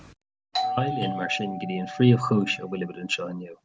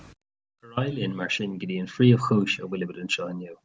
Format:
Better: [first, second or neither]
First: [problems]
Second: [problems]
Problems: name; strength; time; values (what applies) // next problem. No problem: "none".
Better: second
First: background sound (Doorbell); 7 dB below the speech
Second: none